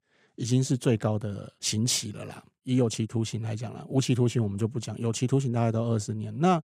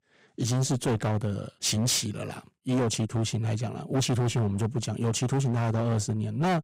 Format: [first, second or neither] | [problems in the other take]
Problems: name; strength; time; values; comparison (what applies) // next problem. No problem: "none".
first | distortion; heavy; 16% of the sound clipped